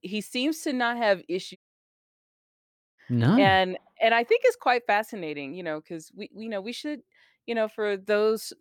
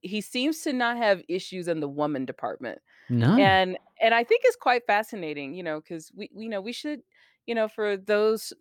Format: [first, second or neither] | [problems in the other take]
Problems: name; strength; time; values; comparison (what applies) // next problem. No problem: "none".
second | audio cutting out; at 1.5 s for 1.5 s